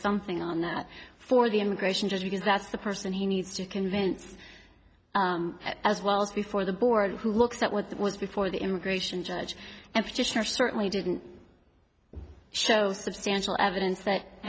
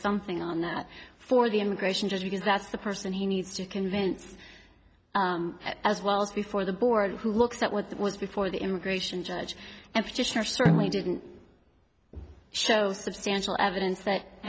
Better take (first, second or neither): first